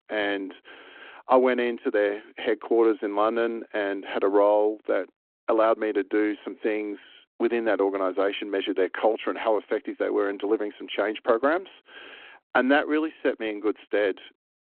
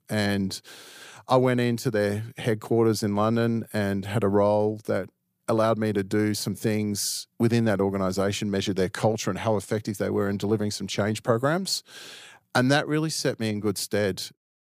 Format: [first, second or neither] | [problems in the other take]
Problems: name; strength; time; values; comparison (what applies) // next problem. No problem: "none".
second | phone-call audio